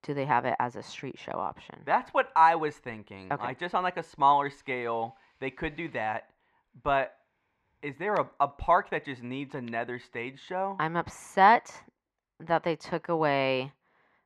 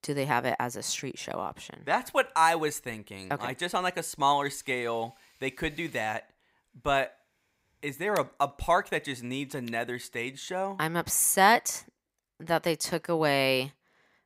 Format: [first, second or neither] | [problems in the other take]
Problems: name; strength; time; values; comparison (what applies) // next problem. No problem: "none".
second | muffled; very; fading above 2.5 kHz